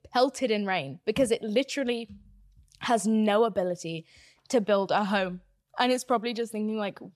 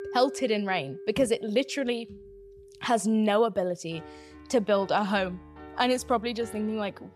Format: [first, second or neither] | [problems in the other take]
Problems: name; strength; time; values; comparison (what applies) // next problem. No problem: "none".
first | background music; noticeable; throughout; 20 dB below the speech